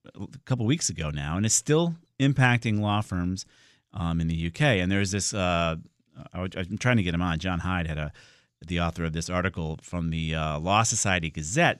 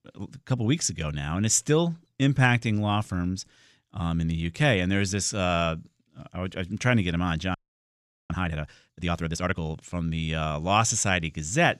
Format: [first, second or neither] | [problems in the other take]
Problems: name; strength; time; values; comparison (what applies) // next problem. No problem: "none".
first | audio freezing; at 7.5 s for 1 s